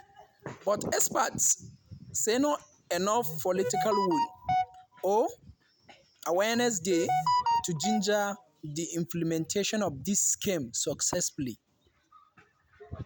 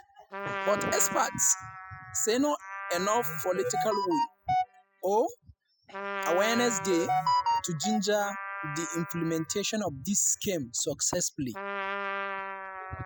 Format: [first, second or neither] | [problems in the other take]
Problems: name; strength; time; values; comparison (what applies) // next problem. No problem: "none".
first | noise reduction (classical method spectral subtraction)